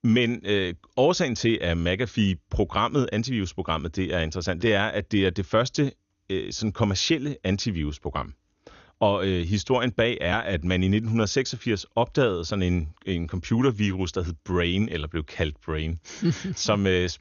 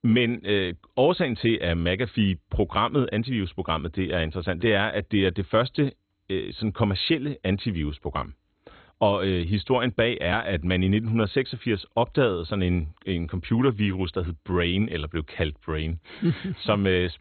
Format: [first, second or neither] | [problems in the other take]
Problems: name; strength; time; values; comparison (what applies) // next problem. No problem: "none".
first | garbled, watery; badly; nothing above 4 kHz; slightly in the first